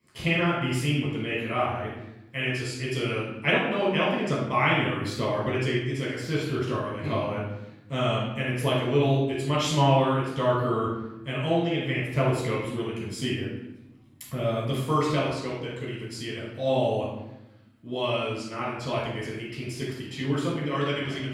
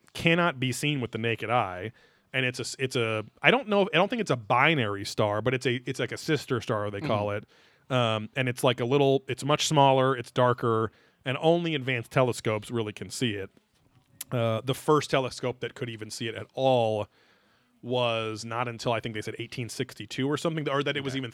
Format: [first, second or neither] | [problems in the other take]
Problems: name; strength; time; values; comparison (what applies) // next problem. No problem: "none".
second | off-mic speech; far // room echo; noticeable; dies away in 0.8 s